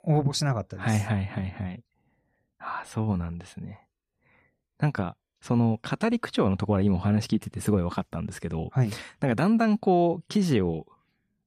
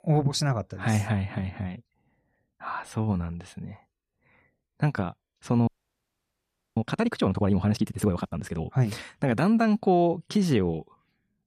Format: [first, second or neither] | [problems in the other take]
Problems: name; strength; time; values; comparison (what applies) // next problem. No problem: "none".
first | audio freezing; at 5.5 s for 1 s